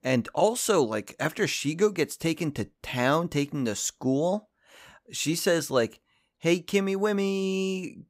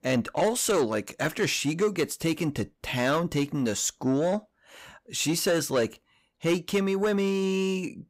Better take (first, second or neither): first